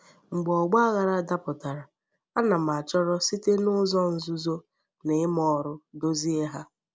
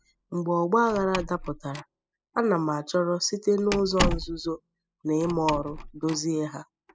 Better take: first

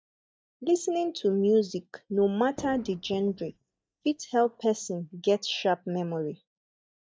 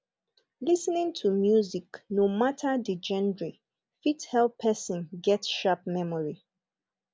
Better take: second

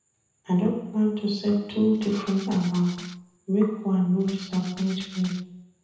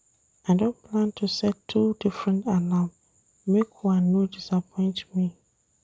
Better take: second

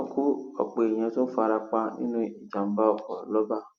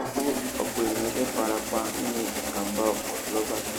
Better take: first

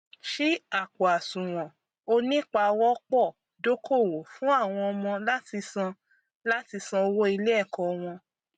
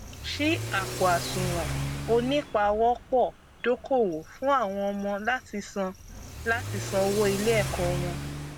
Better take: first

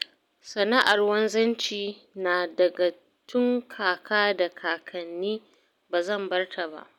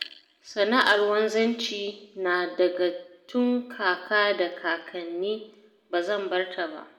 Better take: first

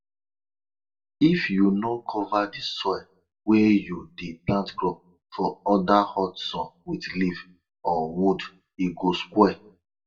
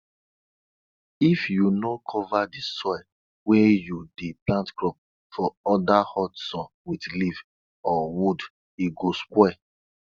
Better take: second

